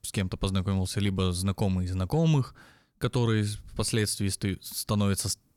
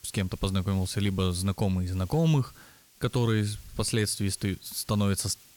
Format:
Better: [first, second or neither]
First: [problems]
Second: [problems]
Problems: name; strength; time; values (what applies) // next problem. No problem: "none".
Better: first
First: none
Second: hiss; faint; throughout; 25 dB below the speech